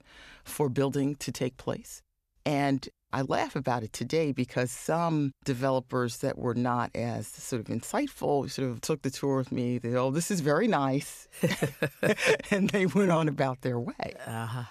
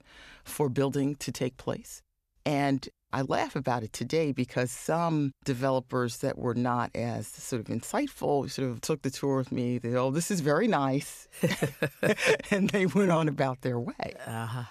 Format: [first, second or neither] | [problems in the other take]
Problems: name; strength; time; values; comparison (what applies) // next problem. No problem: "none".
neither | none